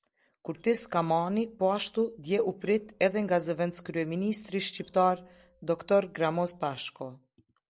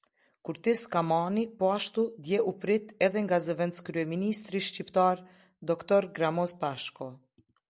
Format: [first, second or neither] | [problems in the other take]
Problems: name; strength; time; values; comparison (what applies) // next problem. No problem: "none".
second | noise reduction (neural separator model SepFormer DNS4)